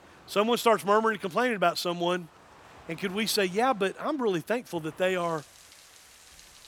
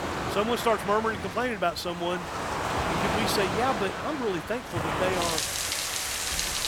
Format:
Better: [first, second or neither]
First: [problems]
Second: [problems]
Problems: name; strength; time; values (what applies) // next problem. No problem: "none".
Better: first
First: rain or running water; faint; throughout; 25 dB below the speech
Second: rain or running water; loud; throughout; as loud as the speech